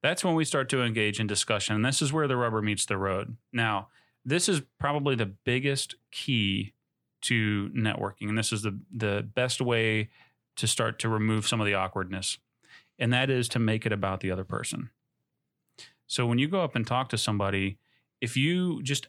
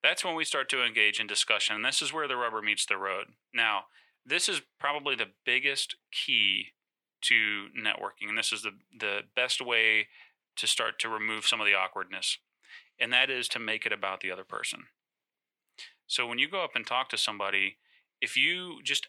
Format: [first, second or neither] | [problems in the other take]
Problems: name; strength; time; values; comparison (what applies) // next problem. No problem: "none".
first | thin; very; fading below 500 Hz